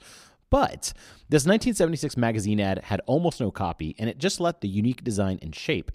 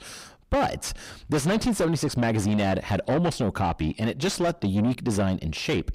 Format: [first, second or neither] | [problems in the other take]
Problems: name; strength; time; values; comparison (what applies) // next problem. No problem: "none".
first | distortion; heavy; 6 dB below the speech